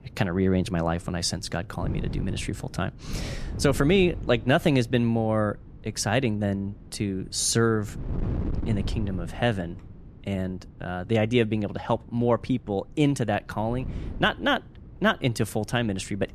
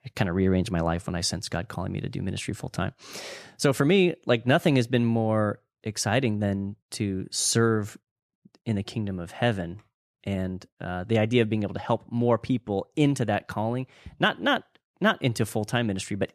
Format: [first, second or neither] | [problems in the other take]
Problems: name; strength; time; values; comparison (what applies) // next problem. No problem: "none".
second | wind noise on the microphone; occasional gusts; 20 dB below the speech